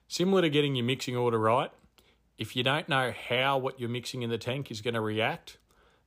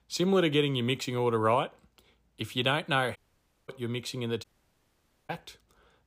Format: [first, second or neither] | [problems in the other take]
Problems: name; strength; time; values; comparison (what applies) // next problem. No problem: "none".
first | audio cutting out; at 3 s for 0.5 s and at 4.5 s for 1 s